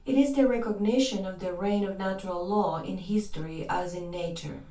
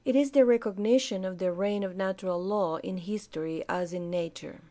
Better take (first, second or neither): second